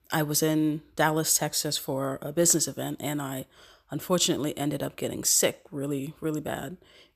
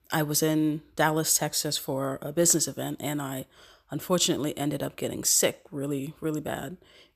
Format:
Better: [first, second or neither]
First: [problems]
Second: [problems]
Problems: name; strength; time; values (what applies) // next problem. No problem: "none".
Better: neither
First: none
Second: none